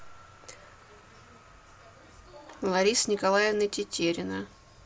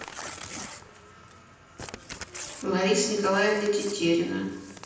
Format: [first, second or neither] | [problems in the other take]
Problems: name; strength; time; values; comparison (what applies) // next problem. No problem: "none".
first | background sound (Crumpling, crinkling / Tearing); 15 dB below the speech // room echo; dies away in 0.9 s